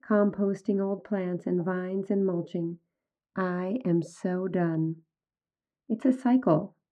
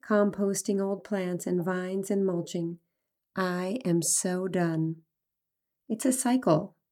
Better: second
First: muffled; very; fading above 2 kHz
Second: none

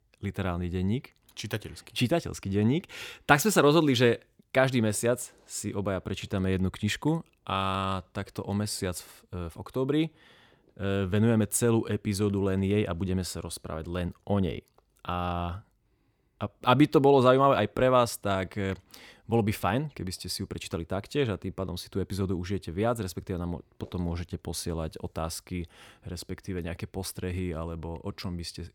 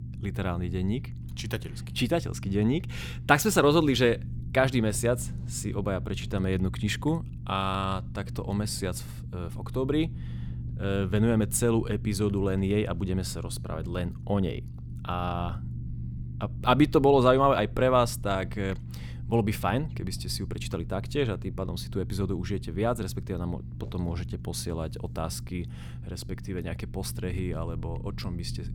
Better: first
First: none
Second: low rumble; faint; throughout; 20 dB below the speech

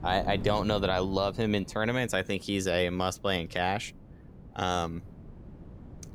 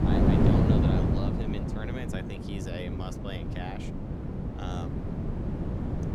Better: first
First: wind noise on the microphone; occasional gusts; 20 dB below the speech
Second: wind noise on the microphone; heavy; 5 dB above the speech

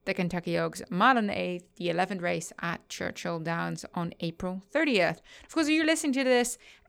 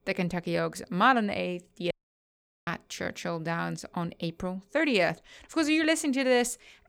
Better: first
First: none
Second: audio cutting out; at 2 s for 1 s

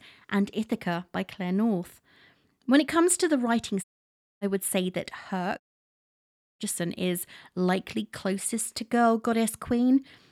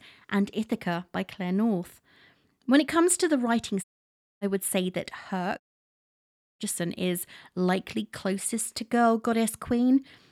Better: neither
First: audio cutting out; at 4 s for 0.5 s and at 5.5 s for 1 s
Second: audio cutting out; at 4 s for 0.5 s and at 5.5 s for 1 s

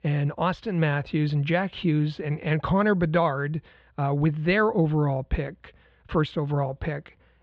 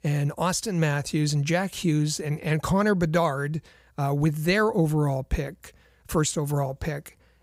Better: second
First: muffled; very; fading above 3.5 kHz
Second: none

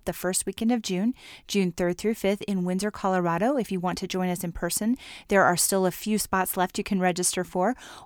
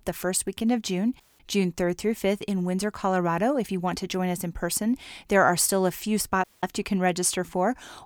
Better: first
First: none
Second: audio cutting out; at 1 s and at 6.5 s

